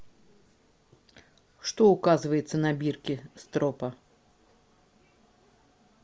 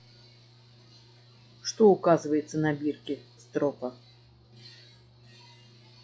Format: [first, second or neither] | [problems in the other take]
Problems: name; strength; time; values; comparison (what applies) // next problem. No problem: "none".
first | noise reduction (classical method log-MMSE)